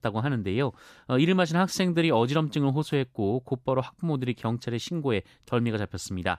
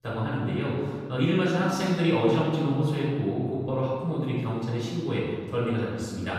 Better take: first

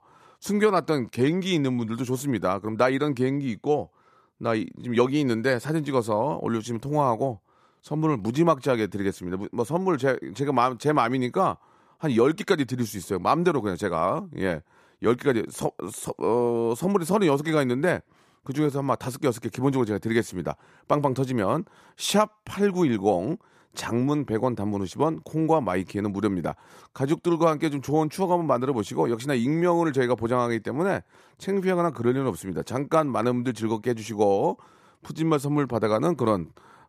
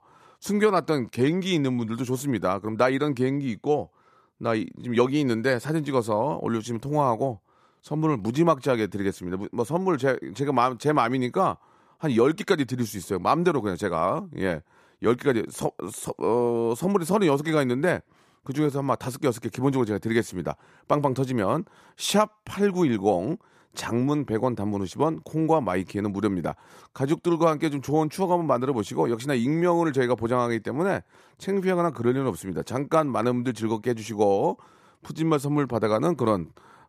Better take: neither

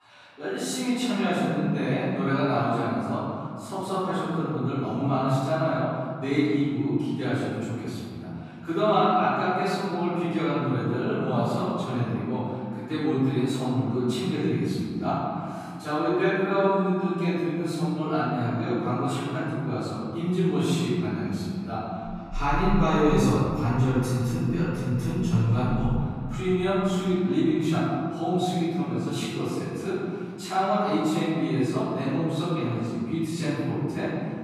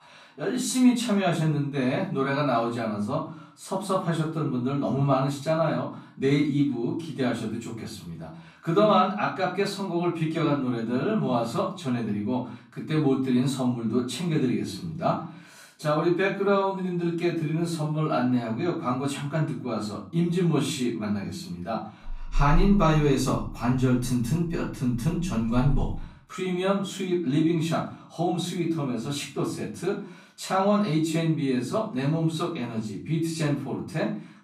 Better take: second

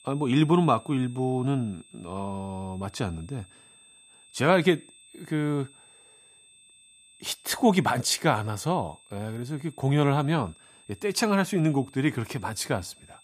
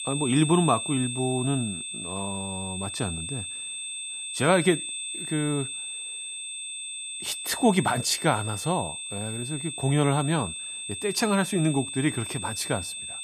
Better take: first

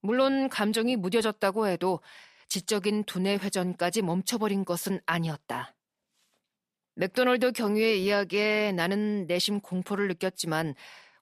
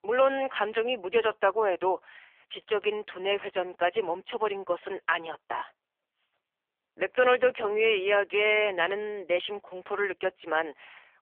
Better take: first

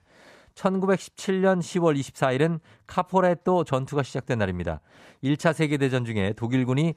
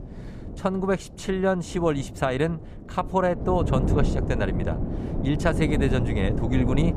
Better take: first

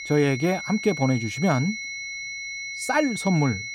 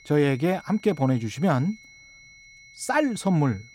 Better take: second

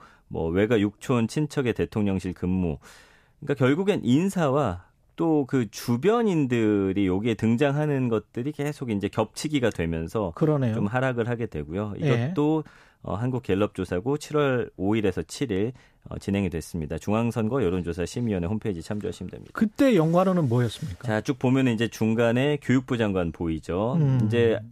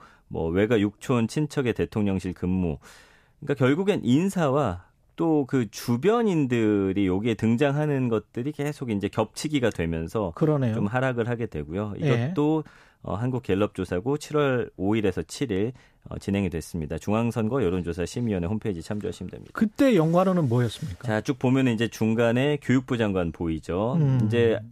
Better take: neither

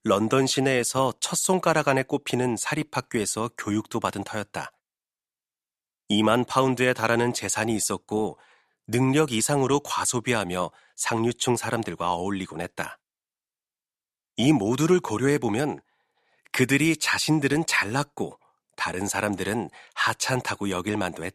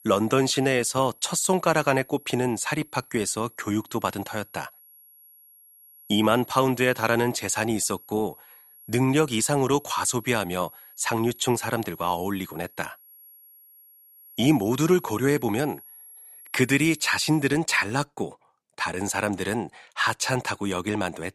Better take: first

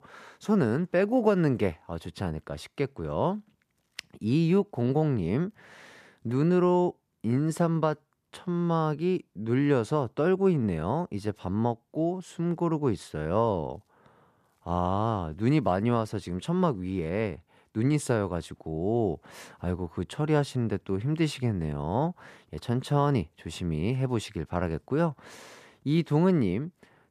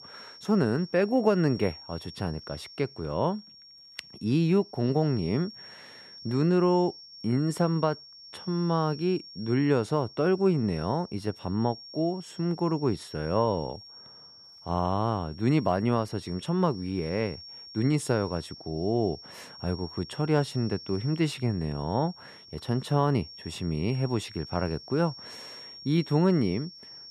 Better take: first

